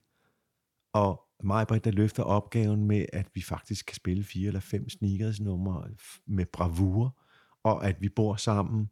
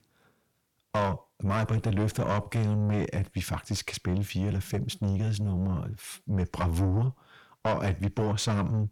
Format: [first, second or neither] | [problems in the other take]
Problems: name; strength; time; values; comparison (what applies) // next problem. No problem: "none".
first | distortion; heavy; 5 dB below the speech